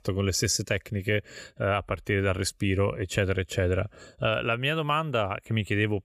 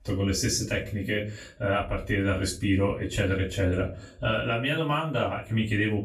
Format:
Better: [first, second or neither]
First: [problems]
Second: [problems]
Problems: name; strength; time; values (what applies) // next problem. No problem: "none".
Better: first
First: none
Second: off-mic speech; far // room echo; slight; dies away in 0.3 s